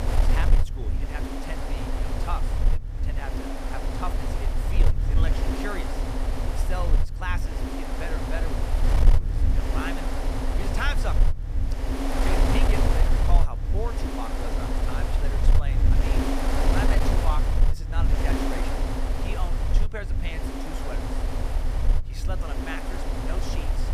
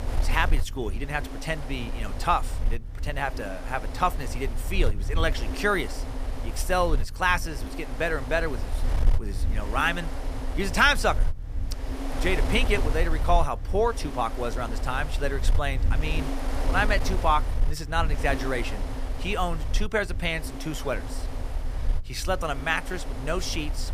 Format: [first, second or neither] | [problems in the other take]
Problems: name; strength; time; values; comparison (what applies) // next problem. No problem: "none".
second | wind noise on the microphone; heavy; 2 dB above the speech; occasional gusts in the second